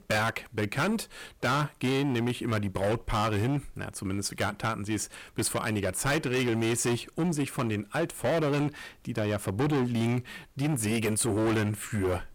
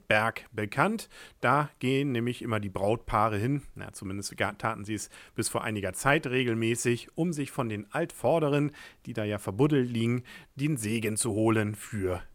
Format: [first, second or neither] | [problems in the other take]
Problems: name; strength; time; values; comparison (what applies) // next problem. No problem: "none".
second | distortion; heavy; 17% of the sound clipped